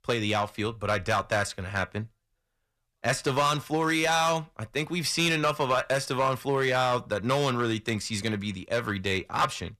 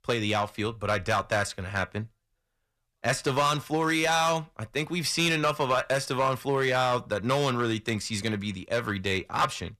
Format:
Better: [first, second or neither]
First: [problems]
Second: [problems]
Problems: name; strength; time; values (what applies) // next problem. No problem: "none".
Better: neither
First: distortion; slight; 4% of the sound clipped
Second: distortion; slight; 4% of the sound clipped